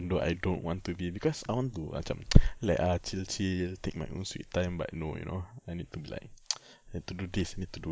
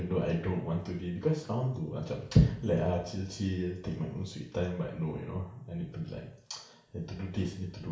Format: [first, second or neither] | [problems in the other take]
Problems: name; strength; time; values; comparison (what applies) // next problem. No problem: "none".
first | room echo; dies away in 0.6 s